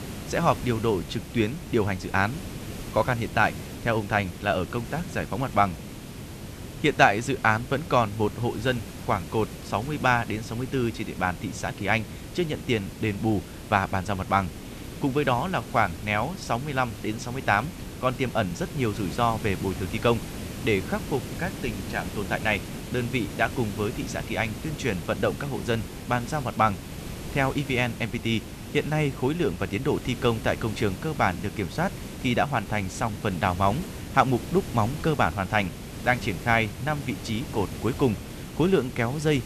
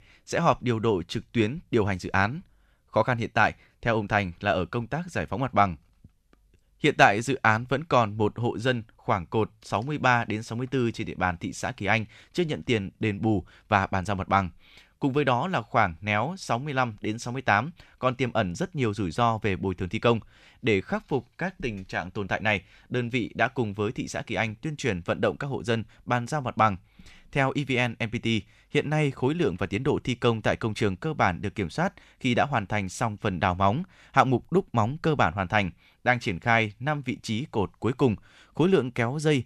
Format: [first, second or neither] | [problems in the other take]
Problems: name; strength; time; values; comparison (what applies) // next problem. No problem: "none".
second | hiss; noticeable; throughout; 10 dB below the speech